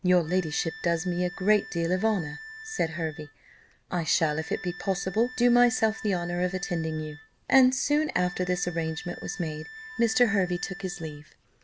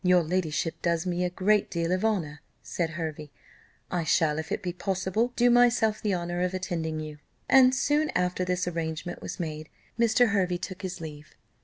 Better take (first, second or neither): second